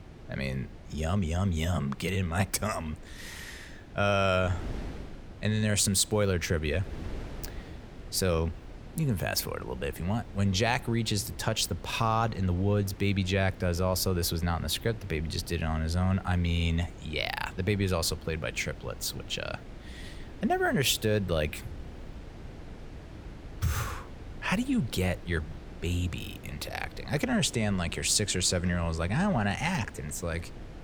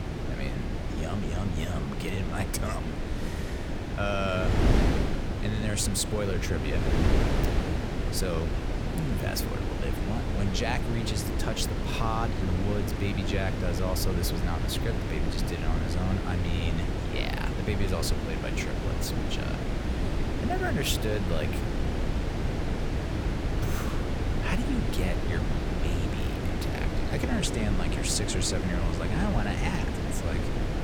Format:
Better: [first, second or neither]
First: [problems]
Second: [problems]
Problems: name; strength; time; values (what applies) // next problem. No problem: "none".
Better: first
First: wind noise on the microphone; occasional gusts; 20 dB below the speech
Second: wind noise on the microphone; heavy; 1 dB below the speech